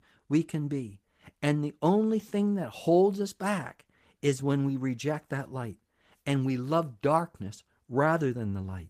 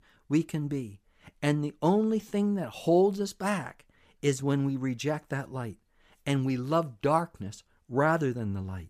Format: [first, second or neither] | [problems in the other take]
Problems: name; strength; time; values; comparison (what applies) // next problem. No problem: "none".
second | garbled, watery; slightly; nothing above 15 kHz